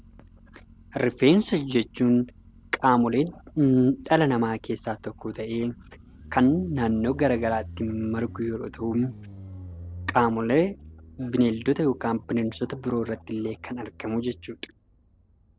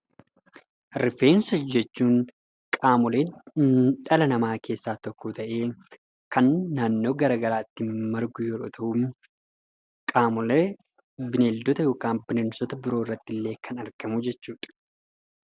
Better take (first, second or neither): second